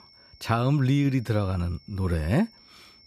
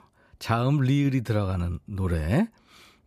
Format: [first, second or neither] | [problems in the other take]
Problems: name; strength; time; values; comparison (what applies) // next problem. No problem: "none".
second | high-pitched whine; faint; throughout; 5.5 kHz, 25 dB below the speech